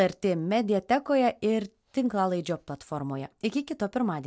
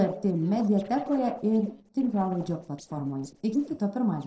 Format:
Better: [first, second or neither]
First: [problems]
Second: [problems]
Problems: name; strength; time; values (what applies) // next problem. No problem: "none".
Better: first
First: none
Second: noise reduction (neural separator model SepFormer DNS4)